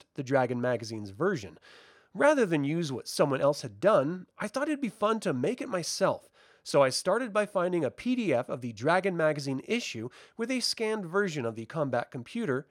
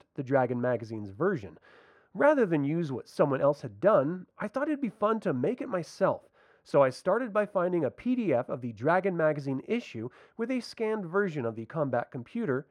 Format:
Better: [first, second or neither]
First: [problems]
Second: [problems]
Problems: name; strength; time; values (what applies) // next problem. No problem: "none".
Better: first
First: none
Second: muffled; slightly; fading above 2.5 kHz